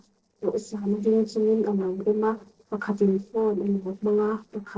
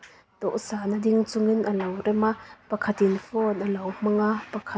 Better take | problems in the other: second | noise reduction (neural separator model SepFormer DNS4)

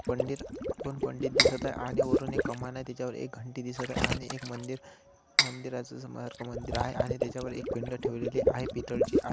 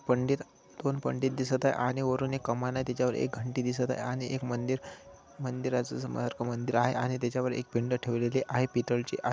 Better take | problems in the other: second | background sound (Water / Liquid + Cutlery, silverware); 5 dB above the speech

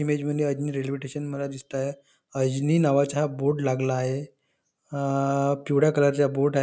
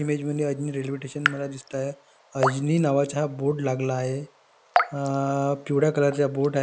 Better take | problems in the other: first | background sound (Raindrop / Drip); 7 dB below the speech

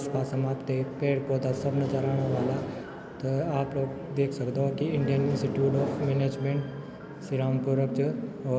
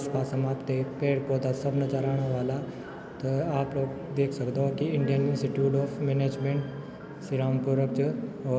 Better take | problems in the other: second | background sound (Microwave oven); 8 dB below the speech

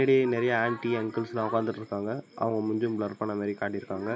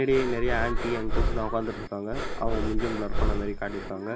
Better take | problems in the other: first | background sound (Breathing); 2 dB above the speech

